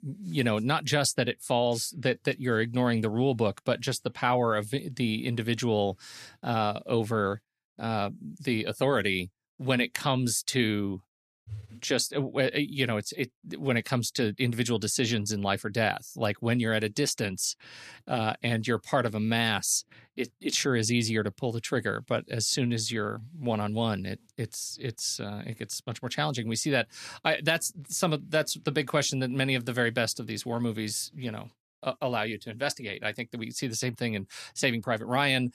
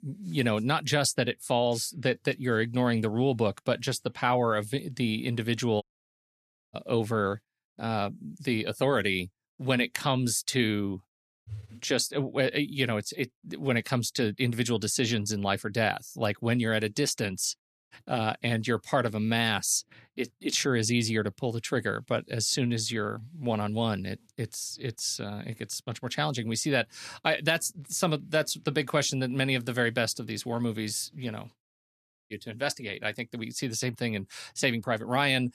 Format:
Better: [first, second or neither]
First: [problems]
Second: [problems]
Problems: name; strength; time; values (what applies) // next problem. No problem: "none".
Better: first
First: none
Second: audio cutting out; at 6 s for 1 s, at 18 s and at 32 s for 0.5 s